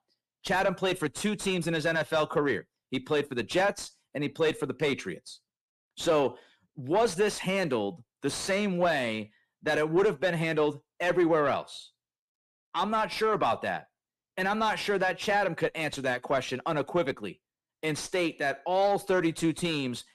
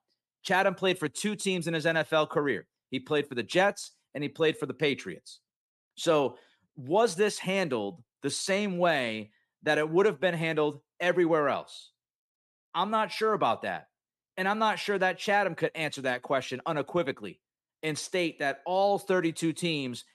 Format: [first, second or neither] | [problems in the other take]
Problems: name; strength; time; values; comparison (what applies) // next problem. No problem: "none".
second | distortion; slight; 10 dB below the speech